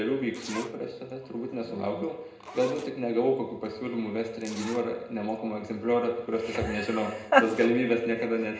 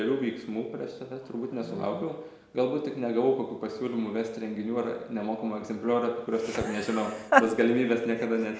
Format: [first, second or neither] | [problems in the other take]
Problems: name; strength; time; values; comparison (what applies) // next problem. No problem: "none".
second | background sound (Zipper (clothing)); 20 dB below the speech // room echo; dies away in 0.2 s